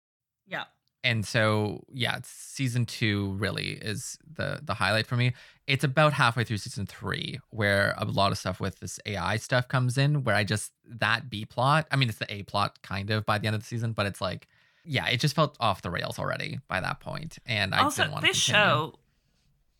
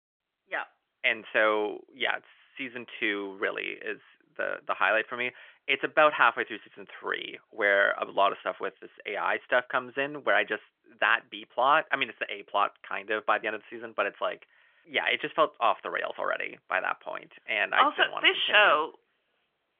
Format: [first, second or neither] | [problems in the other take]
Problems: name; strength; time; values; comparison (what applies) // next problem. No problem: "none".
first | phone-call audio; nothing above 3.5 kHz